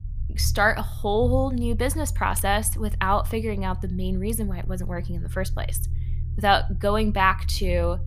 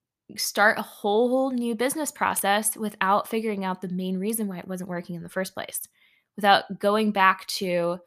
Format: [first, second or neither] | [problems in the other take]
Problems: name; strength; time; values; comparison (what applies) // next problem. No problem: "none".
second | low rumble; faint; throughout; 25 dB below the speech